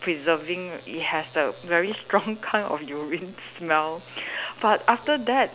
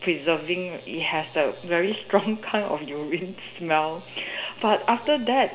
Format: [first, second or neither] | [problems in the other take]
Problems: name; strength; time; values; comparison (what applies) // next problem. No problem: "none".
first | room echo; dies away in 0.5 s